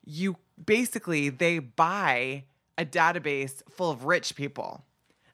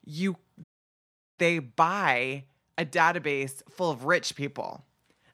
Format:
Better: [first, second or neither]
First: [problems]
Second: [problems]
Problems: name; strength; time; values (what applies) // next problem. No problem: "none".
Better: first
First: none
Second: audio cutting out; at 0.5 s for 0.5 s